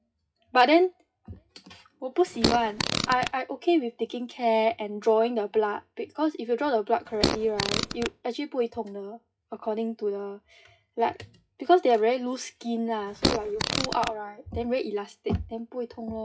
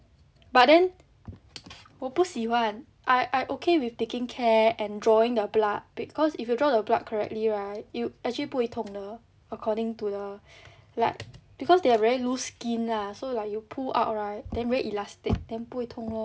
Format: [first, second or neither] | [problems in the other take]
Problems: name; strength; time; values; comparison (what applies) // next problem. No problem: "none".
second | noise reduction (classical method WPE with log-MMSE)